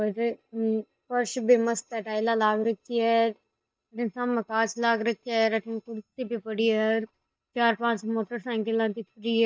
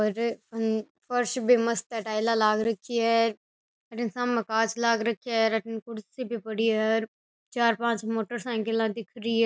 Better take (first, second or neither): second